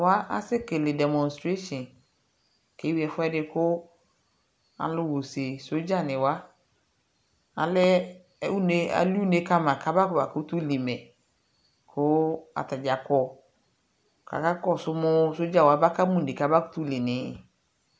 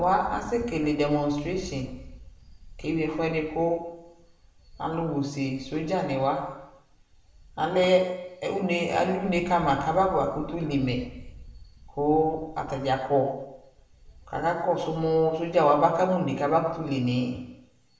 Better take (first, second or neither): first